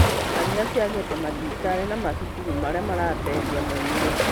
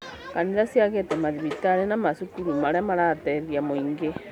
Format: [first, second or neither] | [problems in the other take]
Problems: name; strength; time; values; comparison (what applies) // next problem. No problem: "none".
second | background sound (Waves, surf); 2 dB above the speech